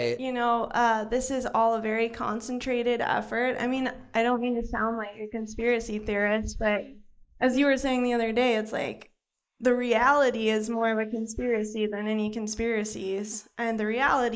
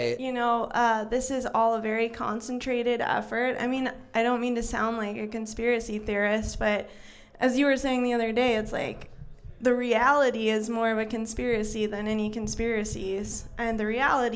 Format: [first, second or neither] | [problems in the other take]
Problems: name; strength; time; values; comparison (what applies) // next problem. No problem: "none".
second | noise reduction (neural mask model Resemble Enhance denoiser)